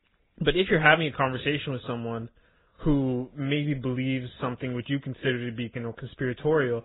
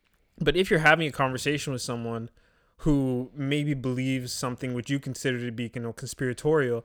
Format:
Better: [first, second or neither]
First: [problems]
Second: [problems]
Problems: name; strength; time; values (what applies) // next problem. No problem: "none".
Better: second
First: garbled, watery; badly; nothing above 4 kHz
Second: none